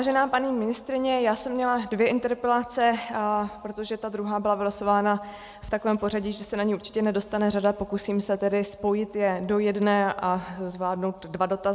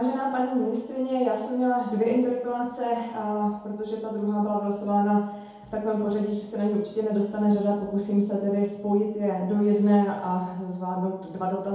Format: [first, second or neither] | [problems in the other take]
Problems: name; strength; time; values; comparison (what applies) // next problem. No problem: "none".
first | room echo; dies away in 1.9 s